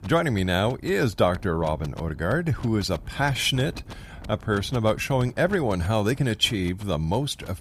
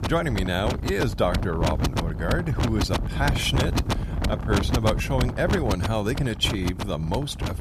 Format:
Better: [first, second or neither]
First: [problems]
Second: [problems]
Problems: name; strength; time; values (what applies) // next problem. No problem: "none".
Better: first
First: wind noise on the microphone; occasional gusts; 20 dB below the speech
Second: wind noise on the microphone; heavy; 4 dB below the speech